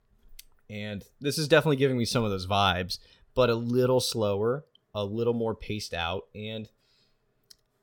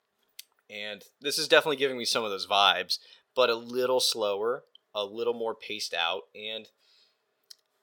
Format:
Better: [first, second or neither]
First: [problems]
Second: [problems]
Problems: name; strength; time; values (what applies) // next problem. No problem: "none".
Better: first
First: none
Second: thin; somewhat; fading below 500 Hz